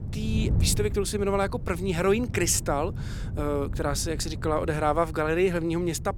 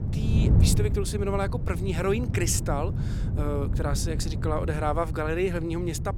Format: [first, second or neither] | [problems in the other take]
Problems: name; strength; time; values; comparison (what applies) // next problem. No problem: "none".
first | wind noise on the microphone; heavy; 9 dB below the speech; occasional gusts in the first